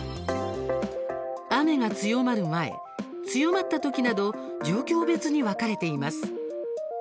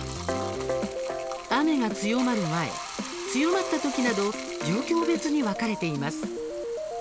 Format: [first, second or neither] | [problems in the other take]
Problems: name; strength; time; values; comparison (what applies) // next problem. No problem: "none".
first | background sound (Bathtub (filling or washing)); 13 dB below the speech